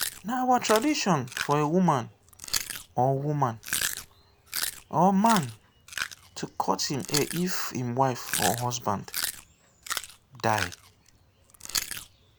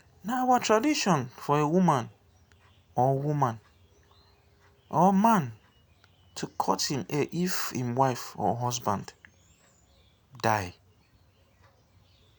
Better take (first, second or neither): second